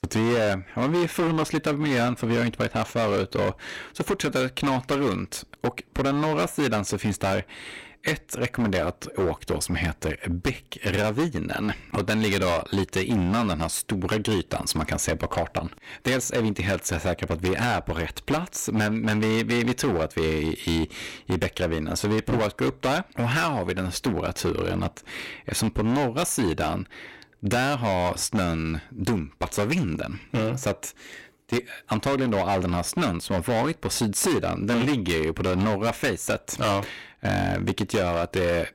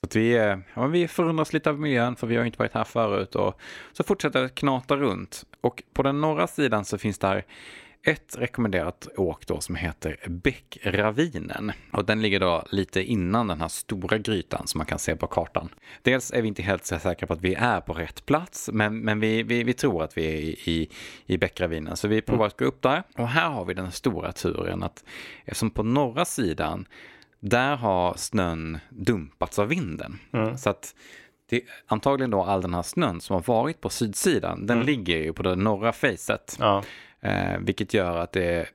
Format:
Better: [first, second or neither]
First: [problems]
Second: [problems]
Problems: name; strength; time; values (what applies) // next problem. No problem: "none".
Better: second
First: distortion; heavy; 15% of the sound clipped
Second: none